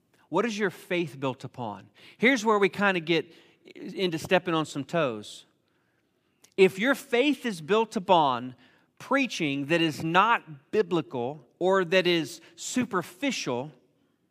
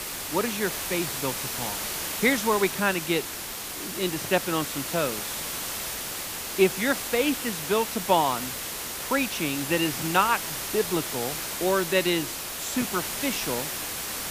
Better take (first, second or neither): first